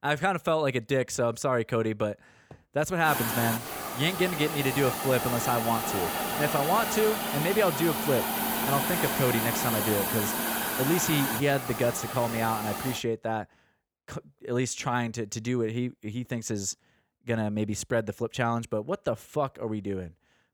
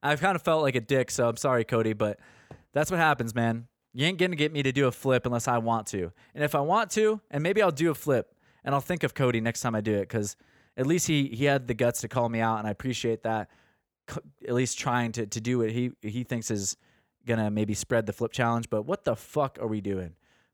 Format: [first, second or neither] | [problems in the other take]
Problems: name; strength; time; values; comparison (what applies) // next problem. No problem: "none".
second | hiss; loud; from 3 to 13 s; 1 dB below the speech